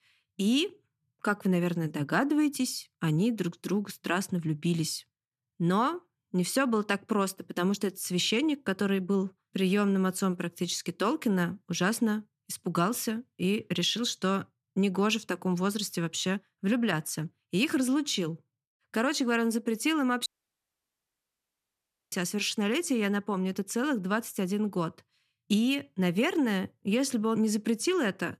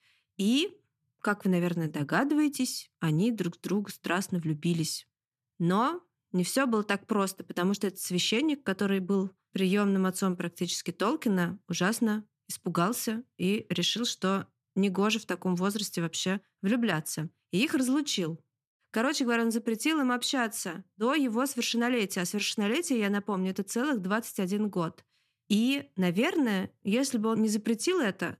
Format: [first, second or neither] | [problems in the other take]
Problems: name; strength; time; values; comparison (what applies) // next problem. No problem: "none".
second | audio cutting out; at 20 s for 2 s